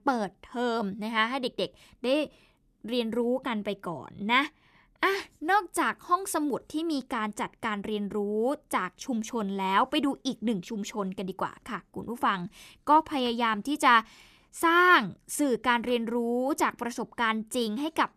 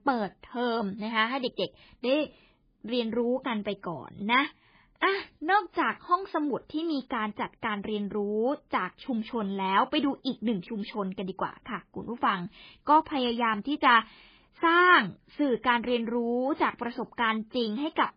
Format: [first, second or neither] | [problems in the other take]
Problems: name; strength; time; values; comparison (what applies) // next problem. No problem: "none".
first | garbled, watery; badly; nothing above 5 kHz